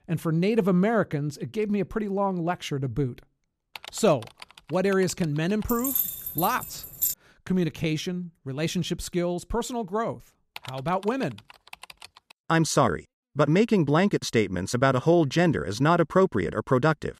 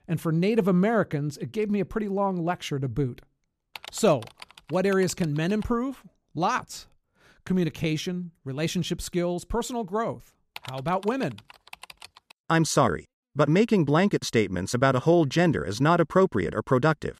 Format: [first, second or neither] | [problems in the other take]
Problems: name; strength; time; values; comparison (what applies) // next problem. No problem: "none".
second | jangling keys; loud; from 5.5 to 7 s; peak level with the speech